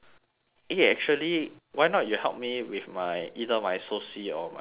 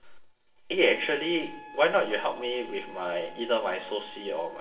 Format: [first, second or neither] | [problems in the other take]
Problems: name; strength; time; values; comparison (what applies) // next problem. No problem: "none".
first | background sound (Wind instrument, woodwind instrument); 18 dB below the speech // room echo; dies away in 0.6 s